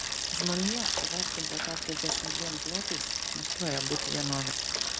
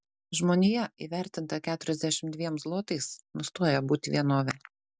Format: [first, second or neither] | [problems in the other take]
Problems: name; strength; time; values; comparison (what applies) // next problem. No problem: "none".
second | background sound (Bicycle); 5 dB above the speech